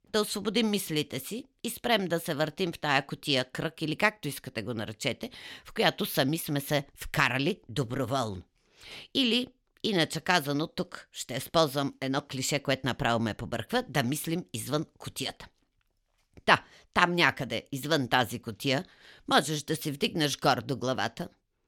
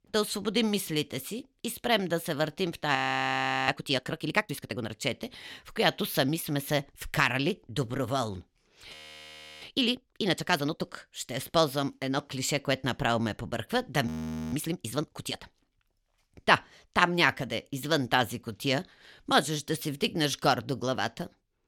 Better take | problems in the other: first | audio freezing; at 3 s for 0.5 s, at 9 s for 0.5 s and at 14 s

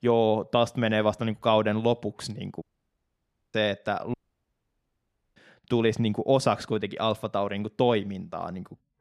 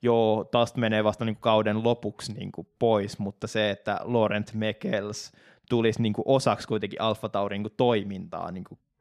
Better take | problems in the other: second | audio cutting out; at 2.5 s for 1 s and at 4 s for 1 s

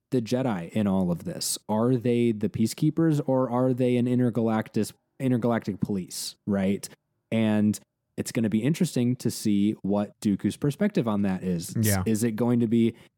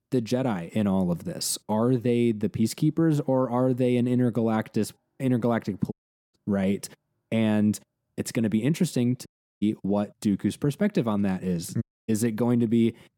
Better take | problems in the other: first | audio cutting out; at 6 s, at 9.5 s and at 12 s

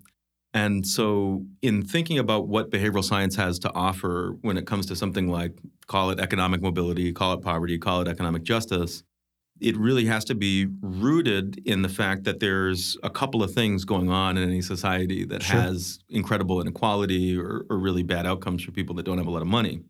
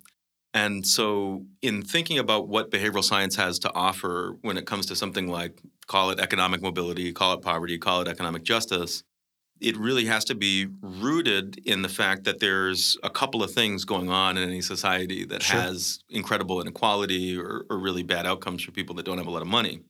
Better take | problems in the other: first | thin; somewhat; fading below 500 Hz

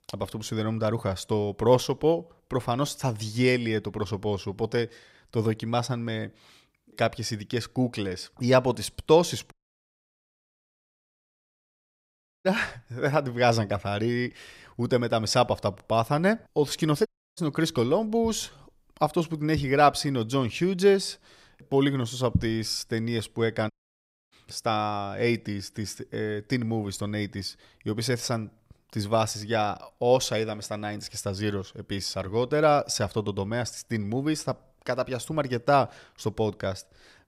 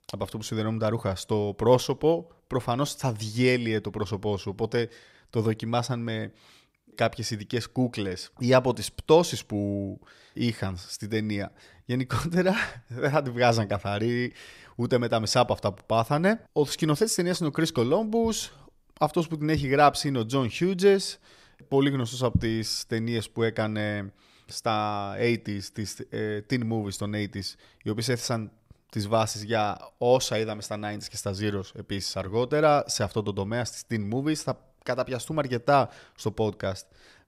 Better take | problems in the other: second | audio cutting out; at 9.5 s for 3 s, at 17 s and at 24 s for 0.5 s

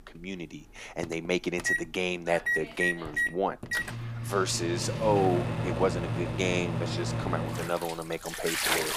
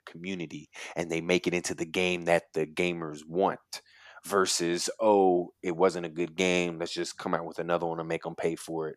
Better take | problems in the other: second | household noises; loud; throughout; as loud as the speech

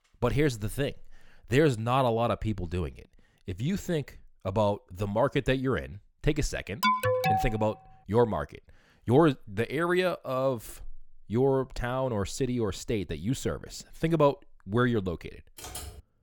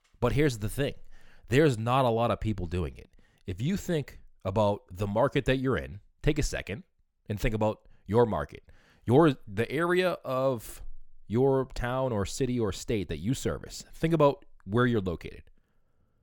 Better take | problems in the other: second | alarm; loud; at 7 s; peak 3 dB above the speech // keyboard typing; faint; at 16 s; peak 10 dB below the speech

